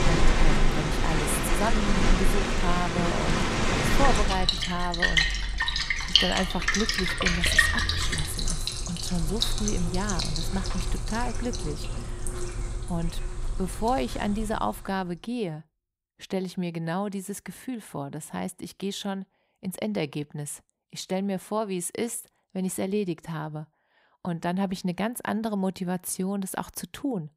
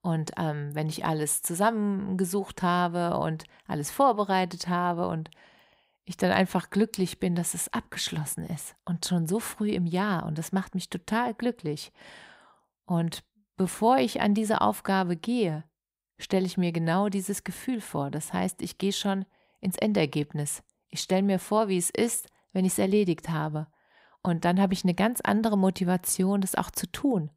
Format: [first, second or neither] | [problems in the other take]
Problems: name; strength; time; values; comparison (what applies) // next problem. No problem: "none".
second | rain or running water; very loud; until 15 s; 5 dB above the speech